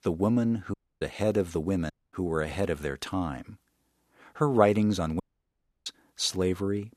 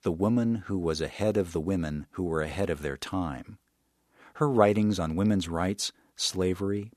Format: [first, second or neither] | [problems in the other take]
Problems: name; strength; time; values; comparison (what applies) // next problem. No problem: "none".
second | audio cutting out; at 0.5 s, at 2 s and at 5 s for 0.5 s